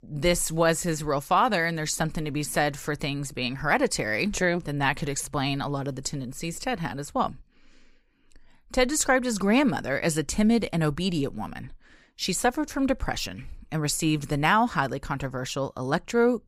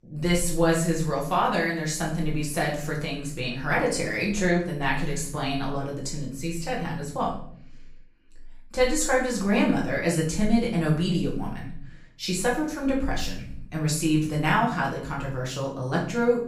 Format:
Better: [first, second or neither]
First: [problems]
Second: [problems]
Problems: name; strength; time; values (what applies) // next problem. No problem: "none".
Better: first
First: none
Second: room echo; noticeable; dies away in 0.6 s // off-mic speech; far